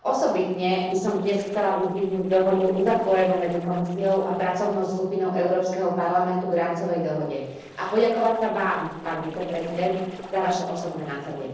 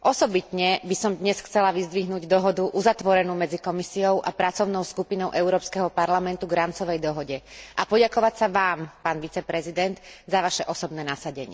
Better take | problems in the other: second | noise reduction (neural separator model SepFormer DNS4)

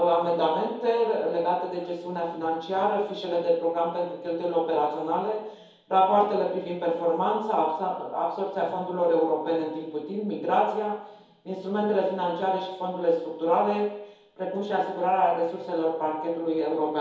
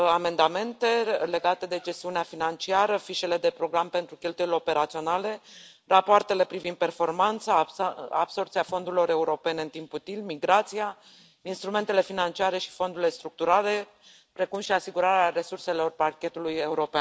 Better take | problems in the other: second | room echo; dies away in 2.2 s

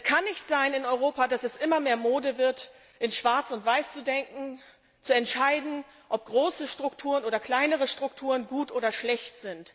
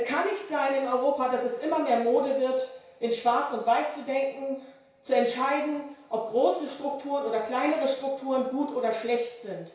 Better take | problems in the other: first | room echo; dies away in 0.6 s

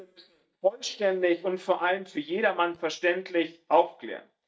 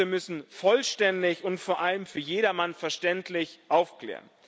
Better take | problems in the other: second | noise reduction (neural mask model DeepFilterNet 3)

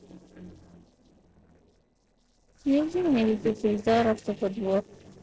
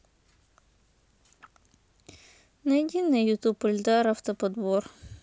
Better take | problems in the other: second | noise reduction (neural separator model SepFormer DNS4)

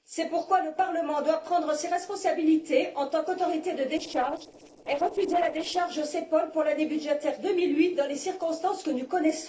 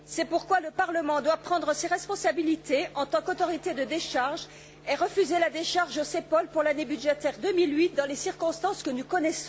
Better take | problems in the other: second | noise reduction (neural separator model SepFormer DNS4)

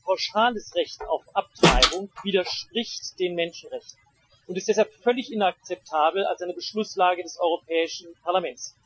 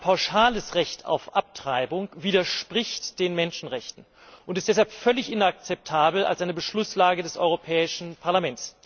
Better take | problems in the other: second | noise reduction (classical method Wiener filter)

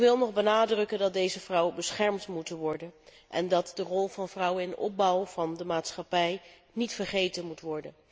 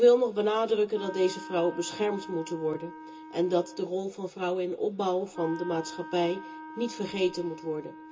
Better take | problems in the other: first | background sound (Wind instrument, woodwind instrument); 15 dB below the speech // room echo; dies away in 0.2 s

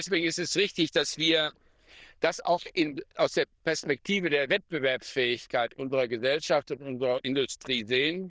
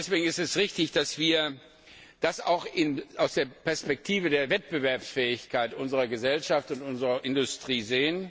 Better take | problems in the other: second | noise reduction (neural diffusion model UNIVERSE++)

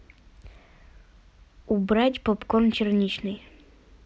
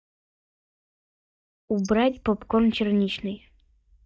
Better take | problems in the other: first | noise reduction (neural mask model DeepFilterNet 3)

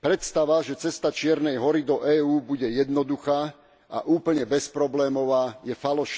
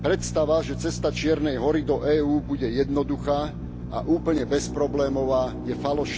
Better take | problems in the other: first | background sound (Drill); 8 dB below the speech

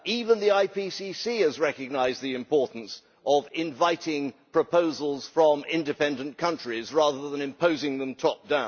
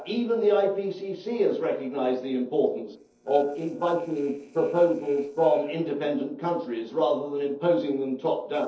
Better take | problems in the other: first | noise reduction (neural separator model SepFormer DNS4)

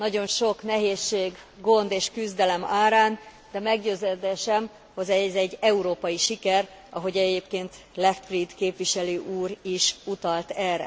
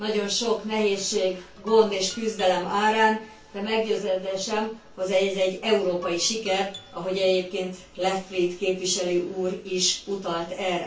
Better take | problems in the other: first | background sound (Guitar); 20 dB below the speech // room echo; dies away in 0.2 s

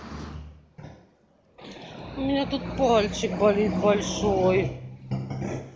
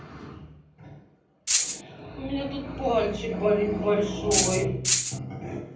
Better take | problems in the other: first | background sound (Rattle (instrument)); 4 dB above the speech // room echo; dies away in 0.6 s

